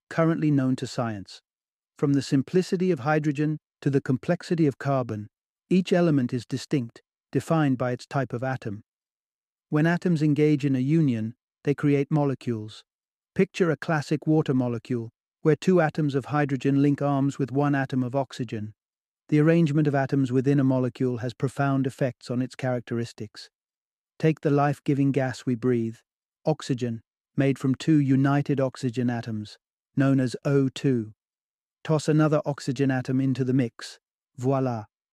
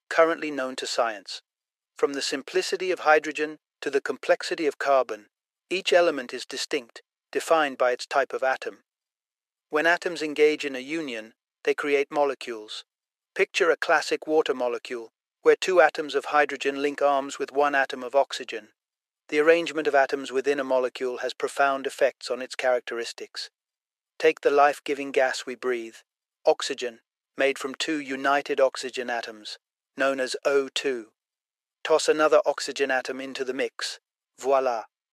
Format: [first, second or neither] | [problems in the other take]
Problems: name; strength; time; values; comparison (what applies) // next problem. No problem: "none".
first | thin; very; fading below 500 Hz